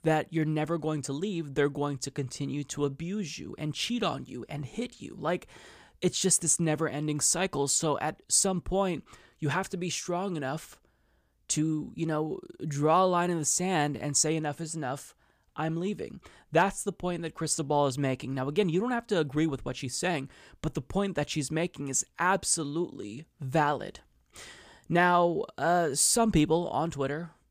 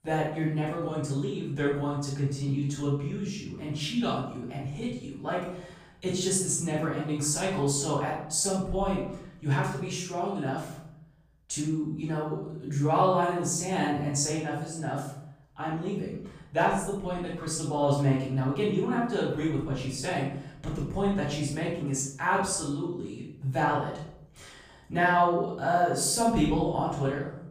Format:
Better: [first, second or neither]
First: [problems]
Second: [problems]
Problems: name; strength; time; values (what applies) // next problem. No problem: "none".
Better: first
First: none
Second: off-mic speech; far // room echo; noticeable; dies away in 0.7 s